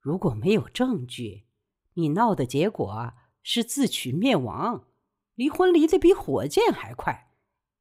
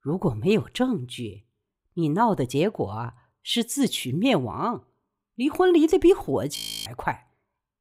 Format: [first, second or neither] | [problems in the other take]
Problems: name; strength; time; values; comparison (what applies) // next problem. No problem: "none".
first | audio freezing; at 6.5 s